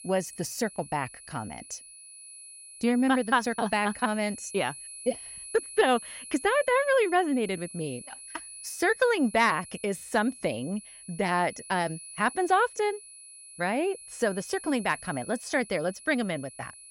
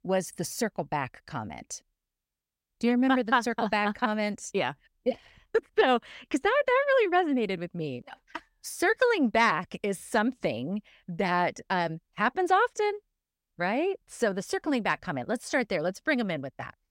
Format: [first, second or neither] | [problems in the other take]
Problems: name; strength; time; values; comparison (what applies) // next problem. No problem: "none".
second | high-pitched whine; noticeable; throughout; 10.5 kHz, 15 dB below the speech